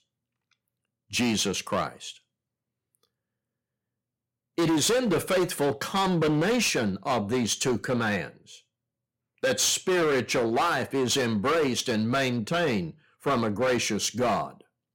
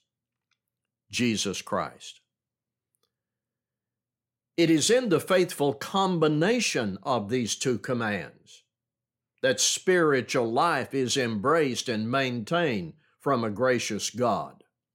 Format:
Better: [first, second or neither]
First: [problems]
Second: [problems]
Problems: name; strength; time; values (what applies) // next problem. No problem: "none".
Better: second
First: distortion; heavy; 12% of the sound clipped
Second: none